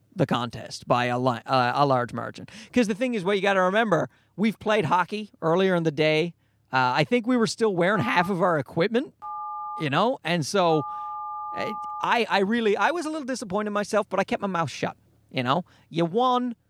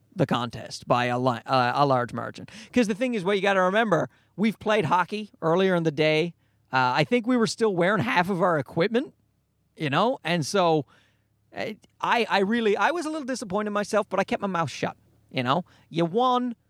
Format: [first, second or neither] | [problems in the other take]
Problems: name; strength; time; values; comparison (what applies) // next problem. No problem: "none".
second | phone ringing; noticeable; from 8 to 12 s; peak 9 dB below the speech